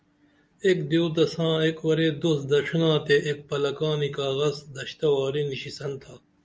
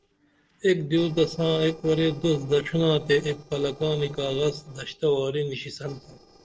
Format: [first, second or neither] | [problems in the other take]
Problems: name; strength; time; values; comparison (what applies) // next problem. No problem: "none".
first | noise reduction (neural separator model SepFormer DNS4)